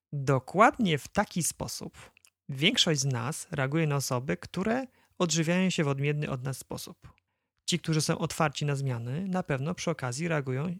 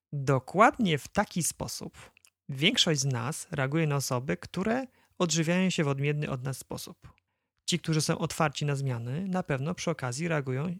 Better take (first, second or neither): neither